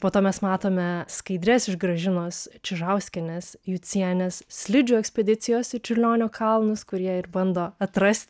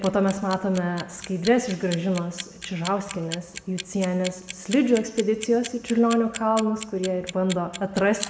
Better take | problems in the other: first | background sound (Clock); 15 dB below the speech // room echo; dies away in 1.2 s

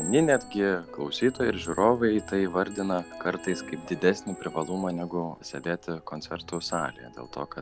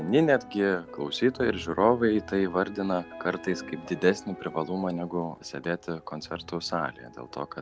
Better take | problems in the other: second | background sound (Chime); 18 dB below the speech

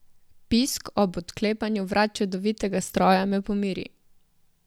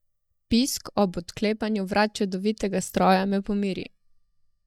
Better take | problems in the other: first | noise reduction (neural mask model DeepFilterNet 3)

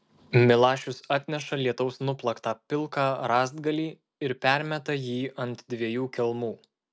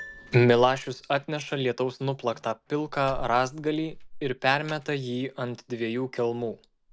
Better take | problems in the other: first | background sound (Piano + Slam); 17 dB below the speech

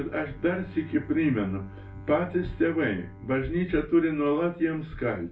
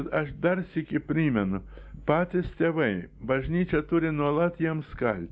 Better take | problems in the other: second | background sound (Bowed string instrument); 19 dB below the speech // room echo; dies away in 0.3 s

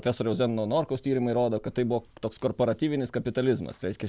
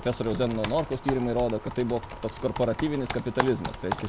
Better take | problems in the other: first | background sound (Computer keyboard); 8 dB below the speech

